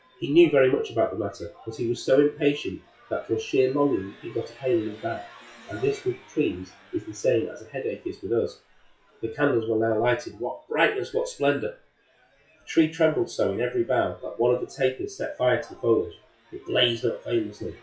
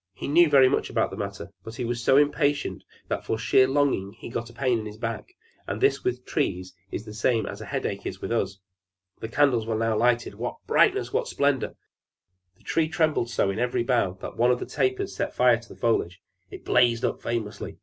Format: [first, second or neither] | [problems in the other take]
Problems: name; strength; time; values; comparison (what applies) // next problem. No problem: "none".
second | noise reduction (classical method WPE with log-MMSE)